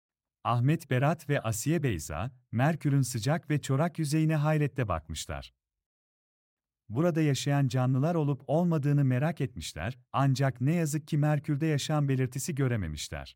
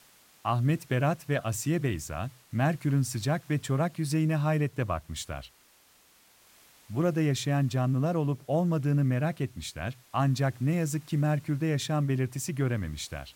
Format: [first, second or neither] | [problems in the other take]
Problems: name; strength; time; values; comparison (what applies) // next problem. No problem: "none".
first | hiss; faint; throughout; 30 dB below the speech